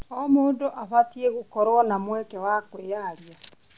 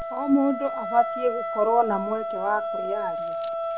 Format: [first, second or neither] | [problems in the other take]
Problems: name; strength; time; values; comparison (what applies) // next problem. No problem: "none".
first | background sound (Wind instrument, woodwind instrument); 4 dB below the speech